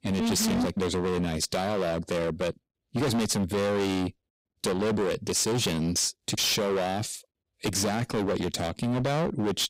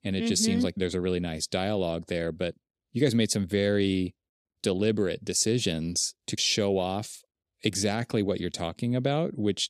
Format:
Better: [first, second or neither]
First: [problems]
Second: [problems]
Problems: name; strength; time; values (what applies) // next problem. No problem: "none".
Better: second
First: distortion; heavy; 24% of the sound clipped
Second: none